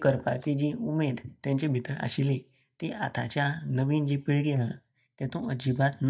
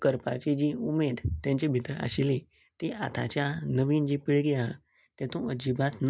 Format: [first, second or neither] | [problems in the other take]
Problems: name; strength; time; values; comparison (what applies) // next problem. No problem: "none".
second | noise reduction (neural mask model DeepFilterNet 3)